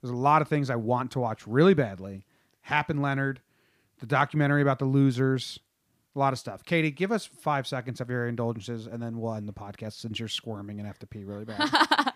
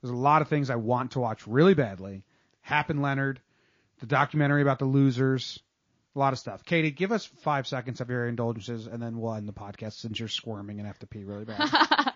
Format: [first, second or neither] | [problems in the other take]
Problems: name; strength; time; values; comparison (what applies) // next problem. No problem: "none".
first | garbled, watery; slightly; nothing above 6.5 kHz